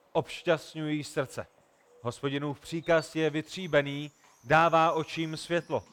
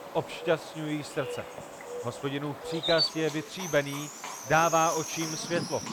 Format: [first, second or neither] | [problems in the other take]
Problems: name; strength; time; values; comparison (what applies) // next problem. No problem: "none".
first | animal sounds; loud; throughout; 5 dB below the speech; faint in the first